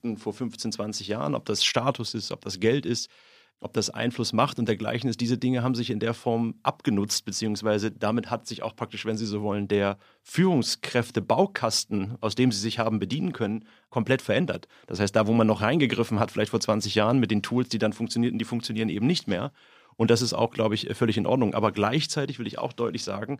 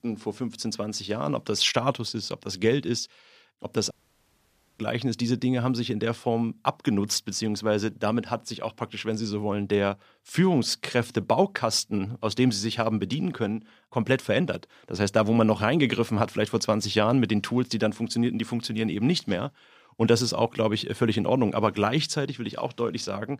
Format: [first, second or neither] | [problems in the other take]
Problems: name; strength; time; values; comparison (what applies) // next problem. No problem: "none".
first | audio cutting out; at 4 s for 1 s